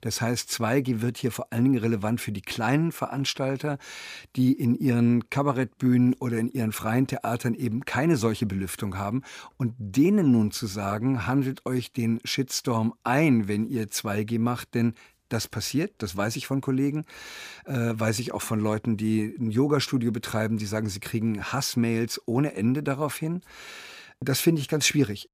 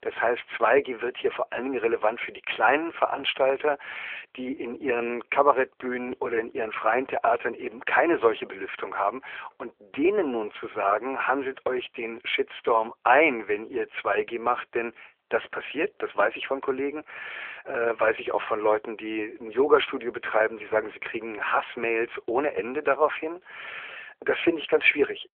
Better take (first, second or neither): first